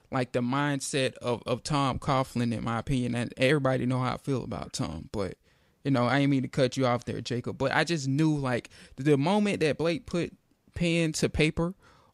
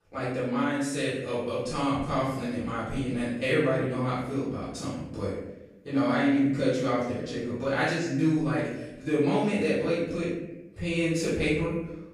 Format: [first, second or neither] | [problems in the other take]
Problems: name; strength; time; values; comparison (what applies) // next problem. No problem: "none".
first | off-mic speech; far // room echo; strong; dies away in 0.8 s